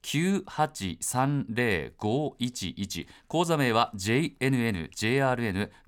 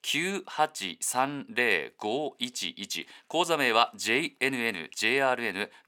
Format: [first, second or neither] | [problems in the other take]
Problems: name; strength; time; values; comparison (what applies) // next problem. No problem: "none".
first | thin; somewhat; fading below 400 Hz